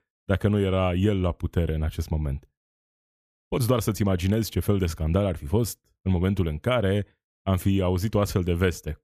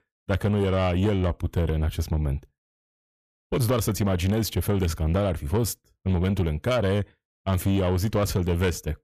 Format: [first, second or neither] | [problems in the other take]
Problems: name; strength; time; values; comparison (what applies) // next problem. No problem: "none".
first | distortion; slight; 10 dB below the speech